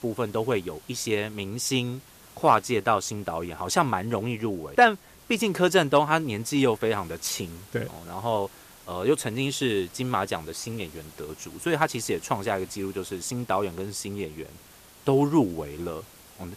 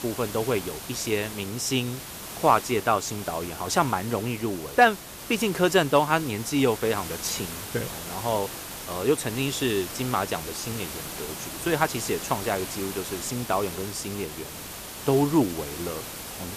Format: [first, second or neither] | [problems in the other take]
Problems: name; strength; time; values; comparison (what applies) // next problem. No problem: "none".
first | hiss; loud; throughout; 9 dB below the speech; faint in the first